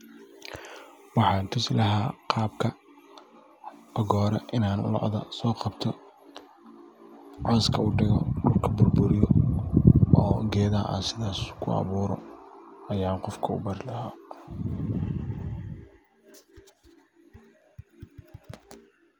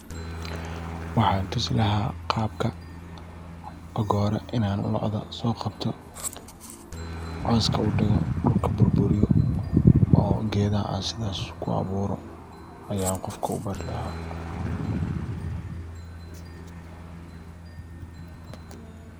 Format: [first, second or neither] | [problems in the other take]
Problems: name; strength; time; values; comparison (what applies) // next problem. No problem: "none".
first | background sound (Aircraft); 11 dB below the speech